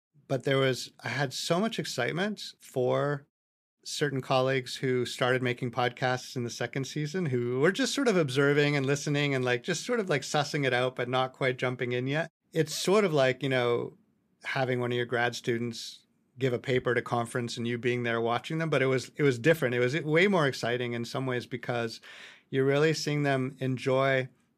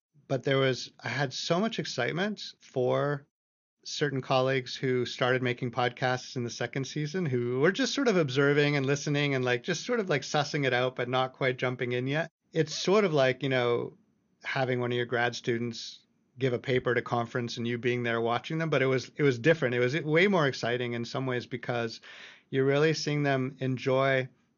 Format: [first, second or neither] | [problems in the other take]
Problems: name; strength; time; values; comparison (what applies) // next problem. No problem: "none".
first | garbled, watery; slightly; nothing above 6.5 kHz